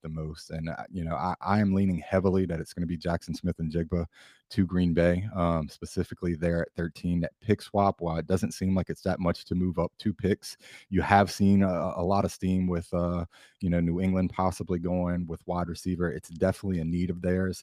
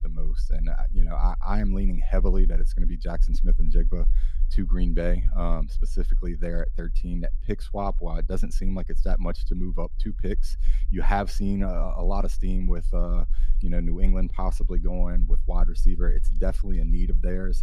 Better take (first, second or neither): first